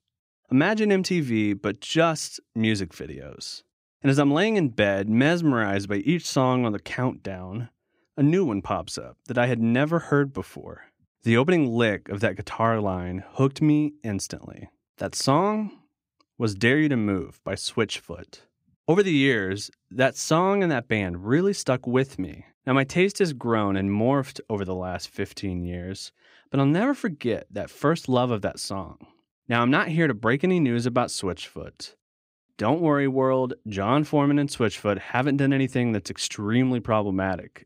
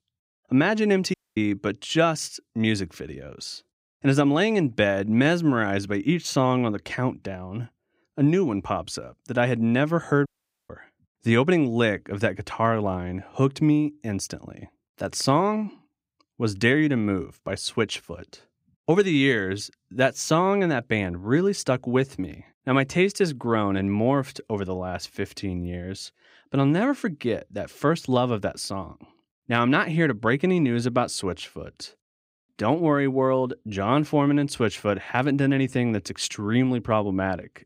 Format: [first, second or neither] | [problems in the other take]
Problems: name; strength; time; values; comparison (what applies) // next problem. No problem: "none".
first | audio cutting out; at 1 s and at 10 s